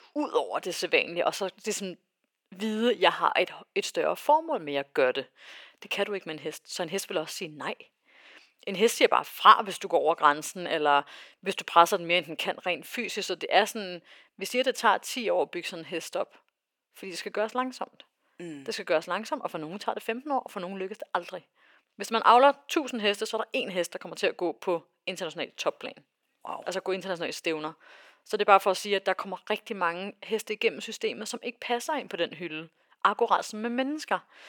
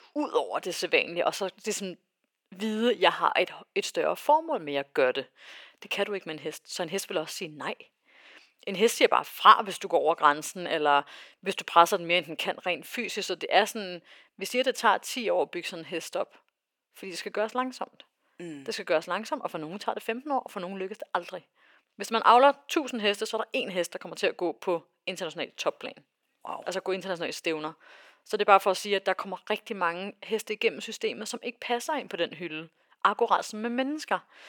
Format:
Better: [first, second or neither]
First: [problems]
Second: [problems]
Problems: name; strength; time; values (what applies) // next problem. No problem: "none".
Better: neither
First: thin; somewhat; fading below 500 Hz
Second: thin; somewhat; fading below 500 Hz